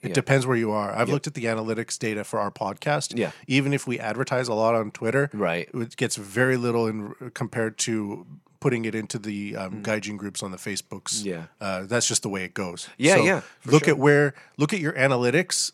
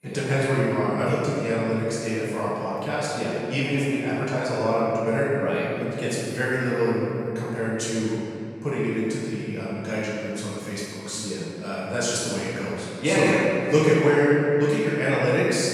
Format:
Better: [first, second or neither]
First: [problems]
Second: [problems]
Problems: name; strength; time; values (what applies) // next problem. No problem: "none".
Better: first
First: none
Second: off-mic speech; far // room echo; strong; dies away in 2.5 s